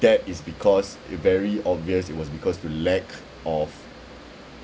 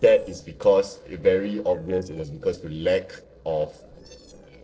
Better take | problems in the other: first | noise reduction (neural separator model SepFormer DNS4)

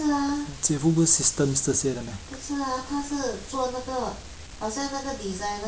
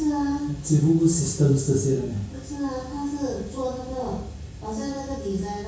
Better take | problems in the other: first | room echo; dies away in 0.6 s

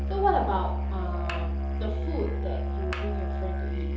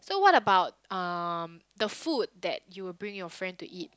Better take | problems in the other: second | background sound (Musical instrument); 3 dB above the speech // room echo; dies away in 2.8 s

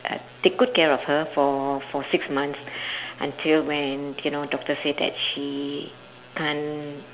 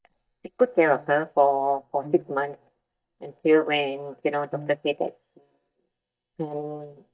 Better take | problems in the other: first | noise reduction (neural mask model DeepFilterNet 3)

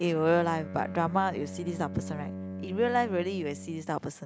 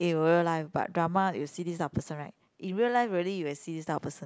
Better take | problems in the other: second | background sound (Bowed string instrument); 10 dB below the speech

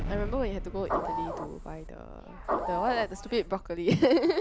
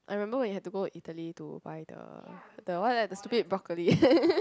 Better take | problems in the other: second | background sound (Explosion + Printer / Engine); 5 dB below the speech

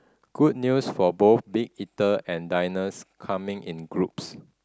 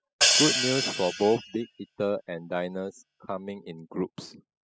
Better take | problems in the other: first | noise reduction (classical method spectral subtraction)

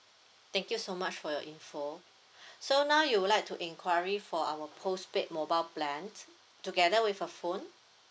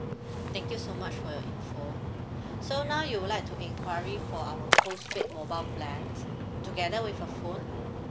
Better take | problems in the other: first | background sound (Splash, splatter); 3 dB above the speech

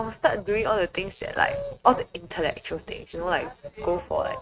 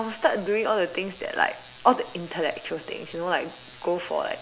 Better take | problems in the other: second | noise reduction (neural mask model RNNoise)

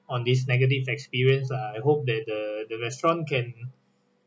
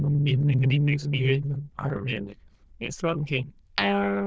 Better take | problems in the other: first | noise reduction (neural diffusion model UNIVERSE++)

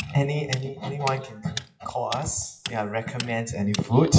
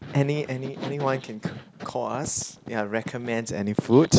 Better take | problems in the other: second | noise reduction (classical method WPE with log-MMSE)

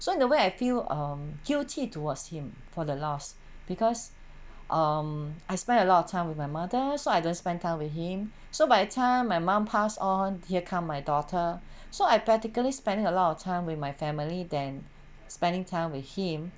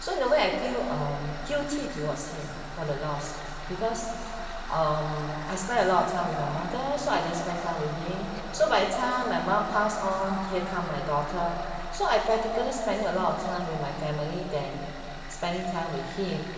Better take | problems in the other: first | background sound (Tools); 12 dB below the speech // room echo; dies away in 2.5 s

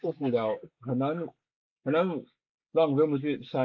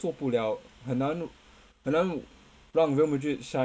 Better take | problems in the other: second | noise reduction (neural mask model Resemble Enhance denoiser)

